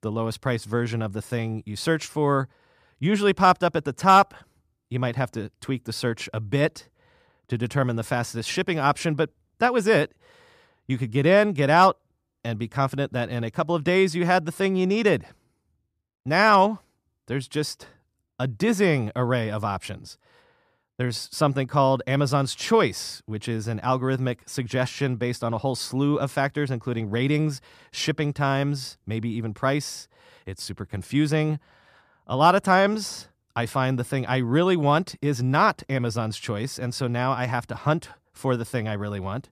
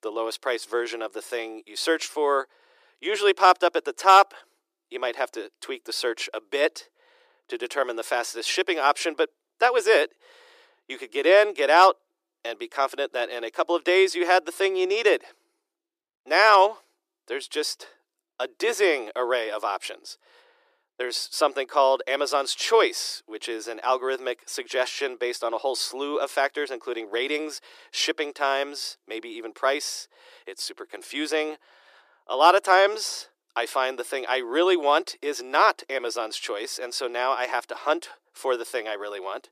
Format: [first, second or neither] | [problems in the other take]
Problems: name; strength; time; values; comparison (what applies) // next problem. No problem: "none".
first | thin; very; fading below 350 Hz